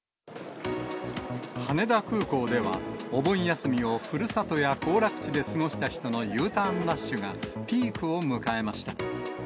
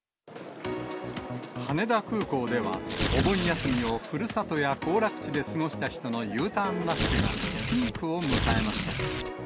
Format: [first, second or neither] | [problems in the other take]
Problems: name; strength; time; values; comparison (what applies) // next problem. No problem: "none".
first | background sound (Tearing); as loud as the speech